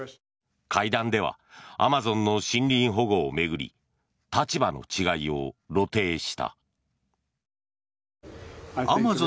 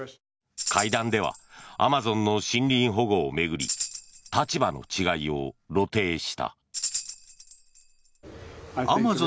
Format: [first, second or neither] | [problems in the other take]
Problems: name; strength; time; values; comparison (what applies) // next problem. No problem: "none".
first | background sound (Tambourine); 10 dB below the speech